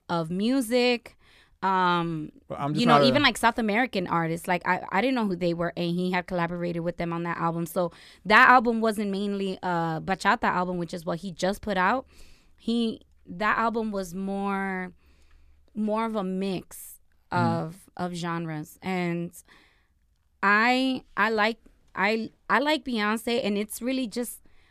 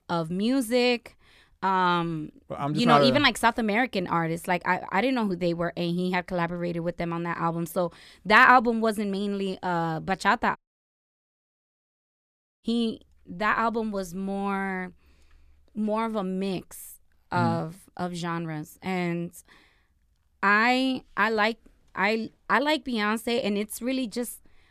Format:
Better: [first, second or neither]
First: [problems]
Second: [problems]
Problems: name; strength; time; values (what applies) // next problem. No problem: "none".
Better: first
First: none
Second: audio cutting out; at 11 s for 2 s